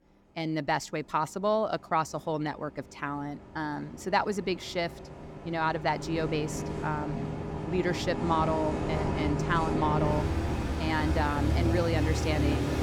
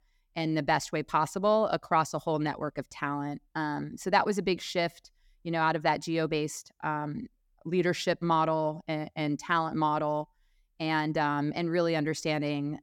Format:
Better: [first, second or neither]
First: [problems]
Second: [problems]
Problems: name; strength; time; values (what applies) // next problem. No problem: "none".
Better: second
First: traffic noise; loud; throughout; as loud as the speech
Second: none